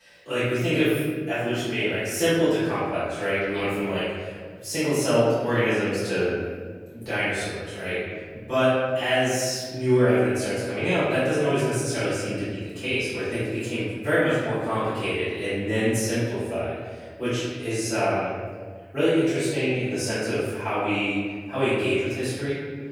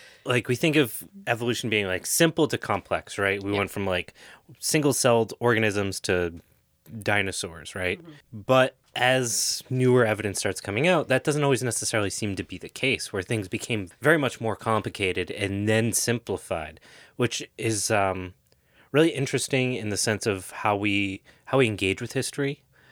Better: second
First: off-mic speech; far // room echo; strong; dies away in 1.6 s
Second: none

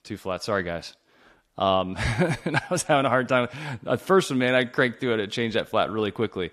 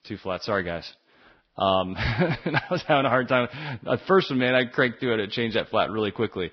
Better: first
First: none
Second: garbled, watery; badly; nothing above 5.5 kHz

